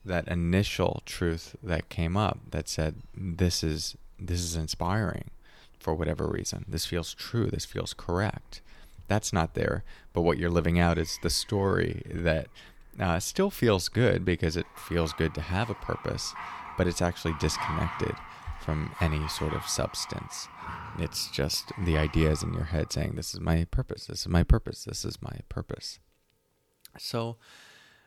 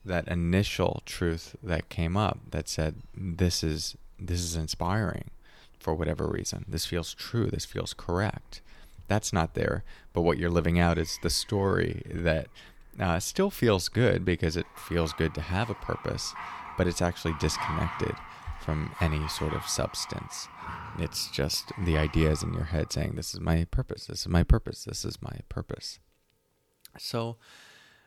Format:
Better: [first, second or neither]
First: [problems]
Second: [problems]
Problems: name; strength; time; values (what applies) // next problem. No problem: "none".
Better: neither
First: animal sounds; noticeable; until 22 s; 10 dB below the speech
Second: animal sounds; noticeable; until 22 s; 10 dB below the speech